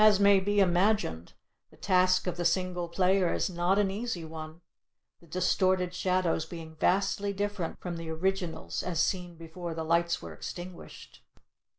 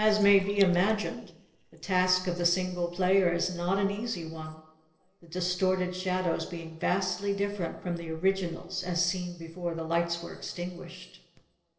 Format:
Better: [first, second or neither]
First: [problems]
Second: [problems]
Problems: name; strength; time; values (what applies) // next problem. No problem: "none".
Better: first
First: none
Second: noise reduction (neural separator model SepFormer DNS4)